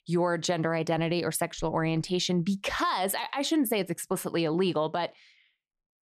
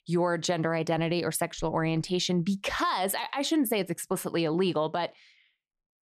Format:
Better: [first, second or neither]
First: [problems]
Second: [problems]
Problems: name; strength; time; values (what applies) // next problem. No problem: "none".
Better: neither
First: none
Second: none